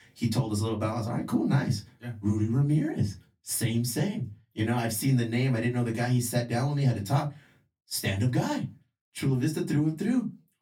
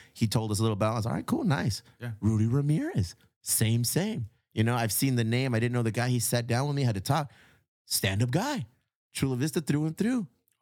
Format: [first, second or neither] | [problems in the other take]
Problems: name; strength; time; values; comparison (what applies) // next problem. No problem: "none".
second | off-mic speech; far // room echo; very slight; dies away in 0.2 s